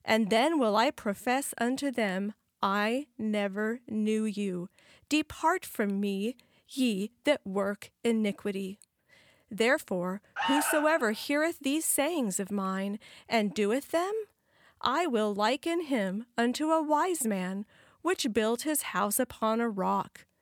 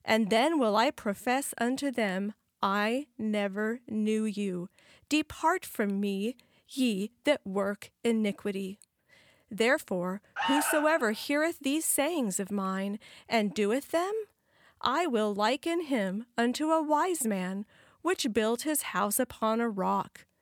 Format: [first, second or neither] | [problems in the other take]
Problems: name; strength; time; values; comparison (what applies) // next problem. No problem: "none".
neither | alarm; loud; at 10 s; peak level with the speech; the same in both